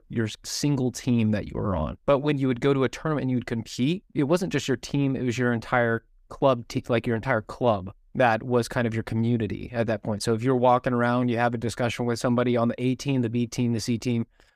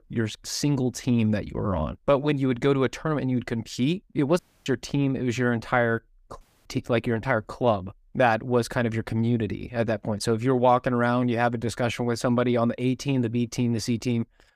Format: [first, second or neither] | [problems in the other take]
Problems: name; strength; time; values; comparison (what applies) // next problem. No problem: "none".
first | audio cutting out; at 4.5 s and at 6.5 s